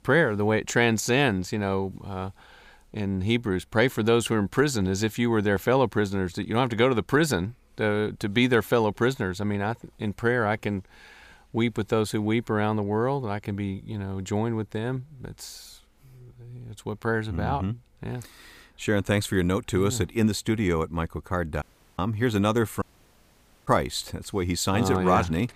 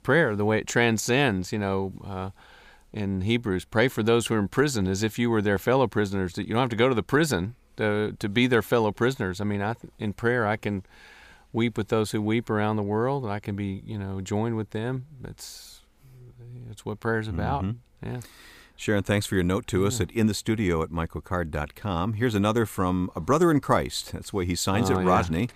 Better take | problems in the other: second | audio cutting out; at 22 s and at 23 s for 1 s

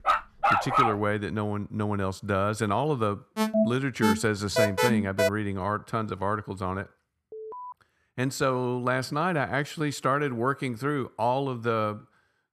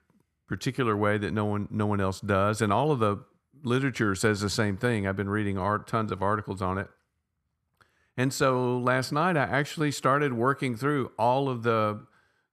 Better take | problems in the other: second | dog barking; loud; at the start; peak 5 dB above the speech // alarm; loud; from 3.5 to 5.5 s; peak 4 dB above the speech // alarm; faint; at 7.5 s; peak 10 dB below the speech

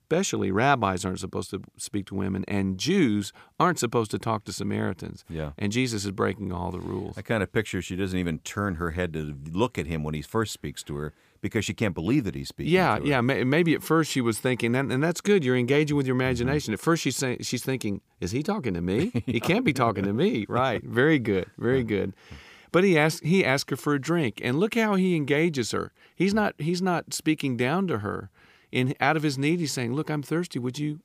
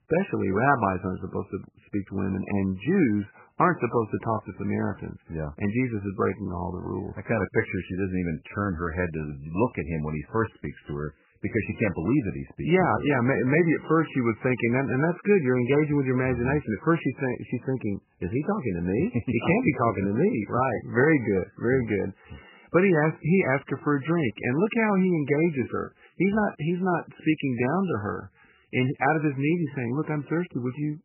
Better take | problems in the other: first | garbled, watery; badly; nothing above 3 kHz

